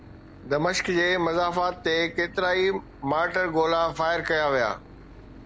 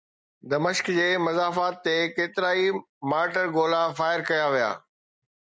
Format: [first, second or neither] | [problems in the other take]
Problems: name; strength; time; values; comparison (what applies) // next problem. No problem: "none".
second | background sound (Engine / Boat, Water vehicle); 20 dB below the speech